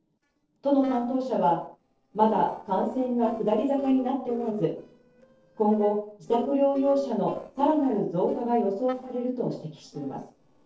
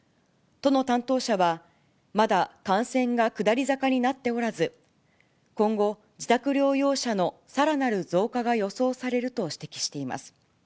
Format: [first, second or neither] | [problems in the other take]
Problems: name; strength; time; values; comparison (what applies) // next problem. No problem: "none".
second | noise reduction (neural separator model SepFormer DNS4)